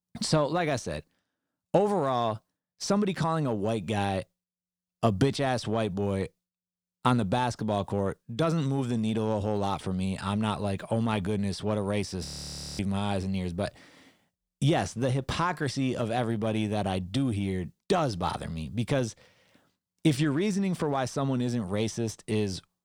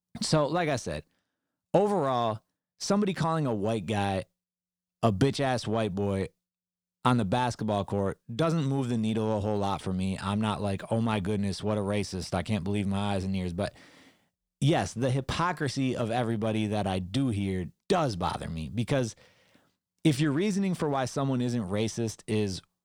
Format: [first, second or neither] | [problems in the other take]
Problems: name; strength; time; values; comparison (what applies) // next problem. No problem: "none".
second | audio freezing; at 12 s for 0.5 s